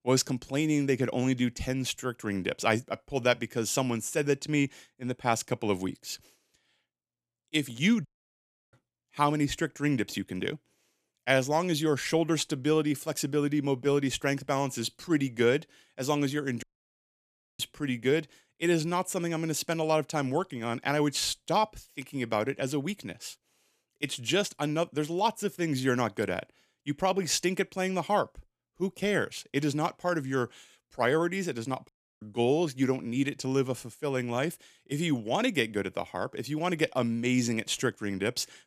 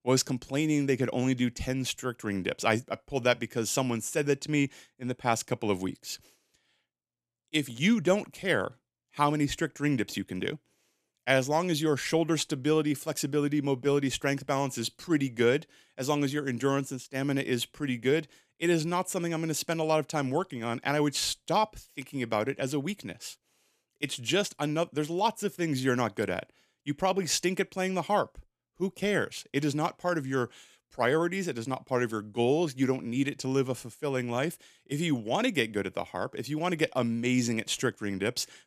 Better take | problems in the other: second | audio cutting out; at 8 s for 0.5 s, at 17 s for 1 s and at 32 s

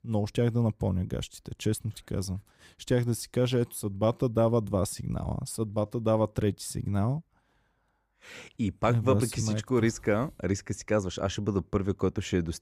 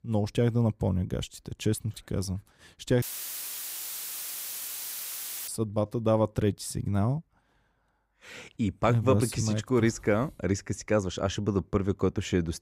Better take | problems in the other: first | audio cutting out; filled with static; at 3 s for 2.5 s

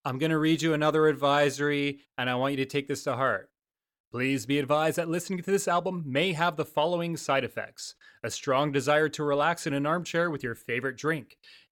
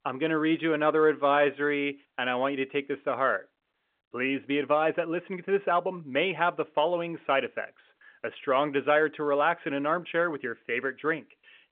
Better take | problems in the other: first | phone-call audio; nothing above 3.5 kHz

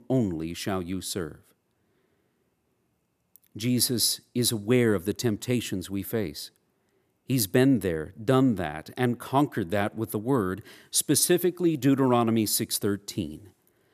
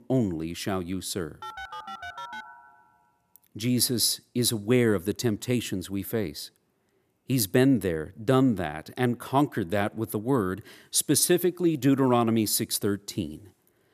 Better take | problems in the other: first | phone ringing; faint; from 1.5 to 3 s; peak 10 dB below the speech

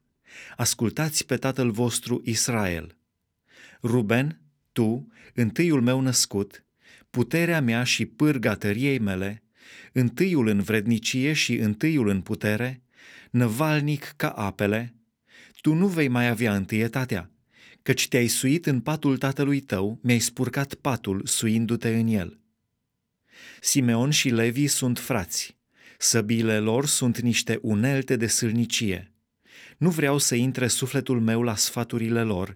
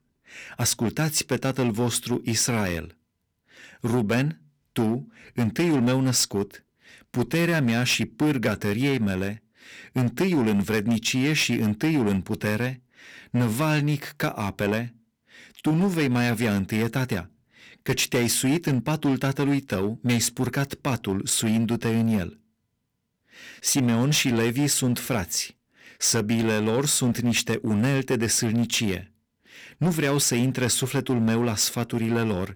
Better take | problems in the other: first | distortion; slight; 9% of the sound clipped

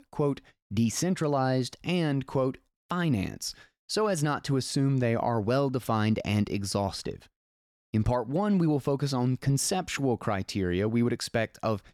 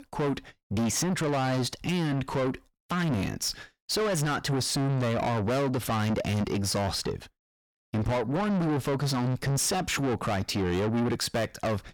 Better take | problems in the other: first | distortion; heavy; 6 dB below the speech

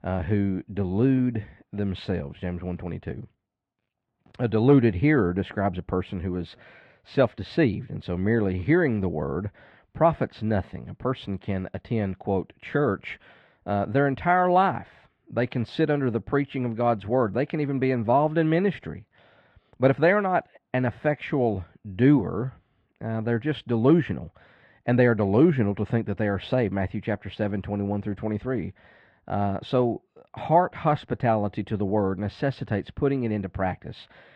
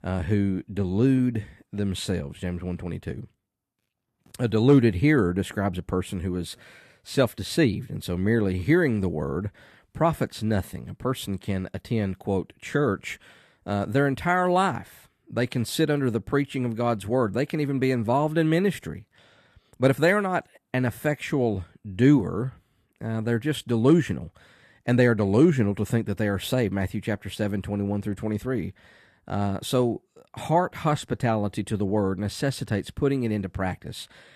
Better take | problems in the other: second | muffled; slightly; fading above 3 kHz

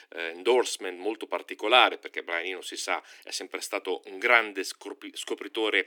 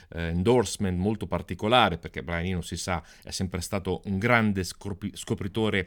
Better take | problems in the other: second | thin; very; fading below 300 Hz

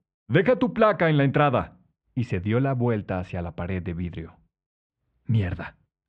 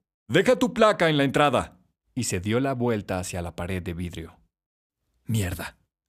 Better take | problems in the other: second | muffled; very; fading above 2.5 kHz

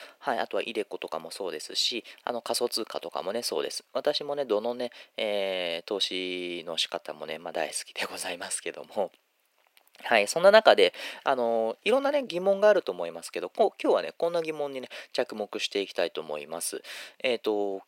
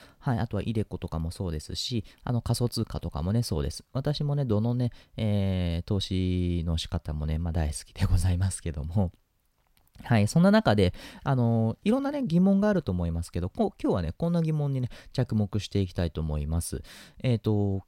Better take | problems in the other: second | thin; very; fading below 350 Hz

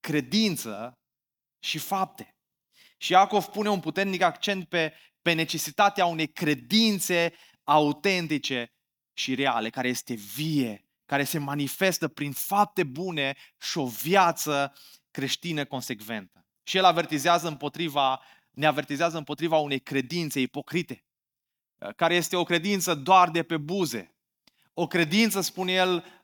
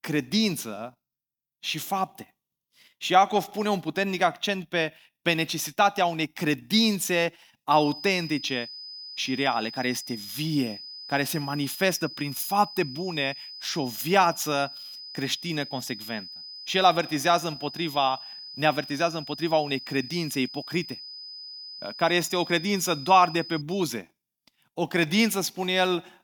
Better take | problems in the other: first | high-pitched whine; noticeable; from 7.5 to 24 s; 5 kHz, 10 dB below the speech

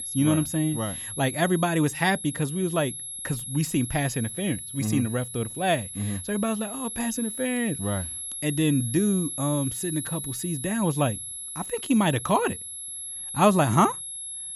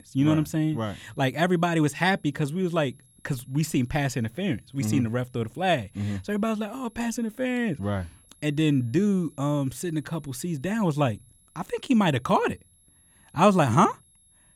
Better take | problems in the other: second | high-pitched whine; loud; throughout; 11 kHz, 7 dB below the speech; faint in the second

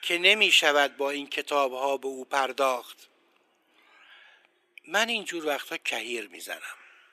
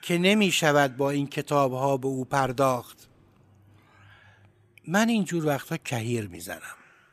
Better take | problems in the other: second | thin; somewhat; fading below 350 Hz

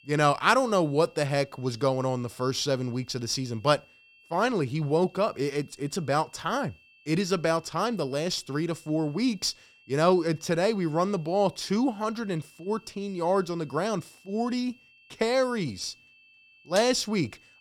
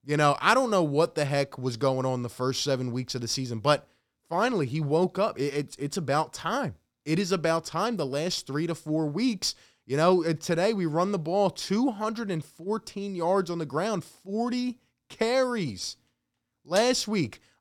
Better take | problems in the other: second | high-pitched whine; faint; throughout; 2.5 kHz, 30 dB below the speech

